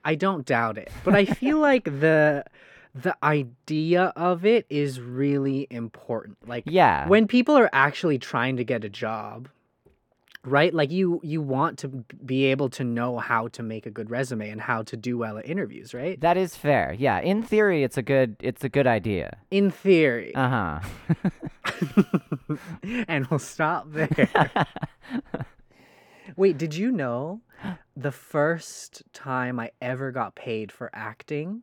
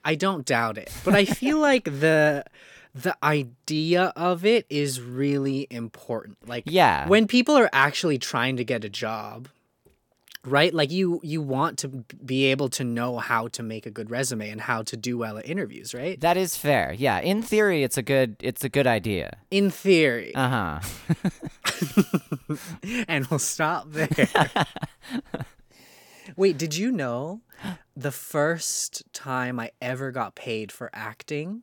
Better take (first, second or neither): second